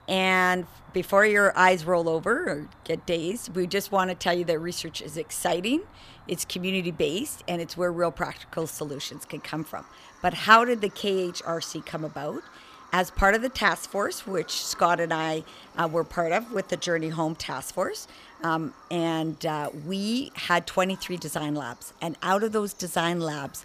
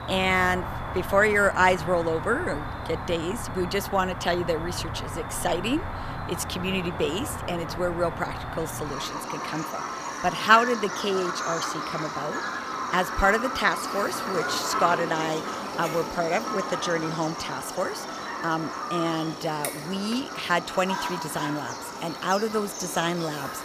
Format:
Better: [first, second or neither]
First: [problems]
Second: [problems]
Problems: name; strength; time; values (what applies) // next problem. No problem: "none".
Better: first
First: animal sounds; faint; throughout; 25 dB below the speech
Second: animal sounds; loud; throughout; 5 dB below the speech